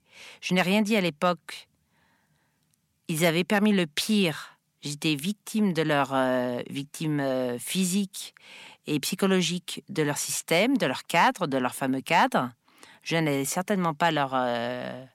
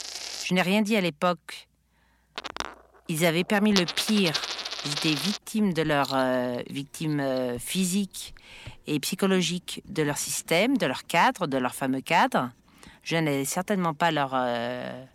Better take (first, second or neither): first